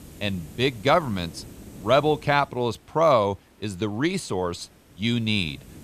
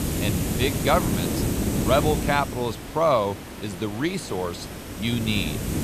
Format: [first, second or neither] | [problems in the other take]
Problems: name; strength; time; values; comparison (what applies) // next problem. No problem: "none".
first | hiss; loud; throughout; 3 dB below the speech; faint in the first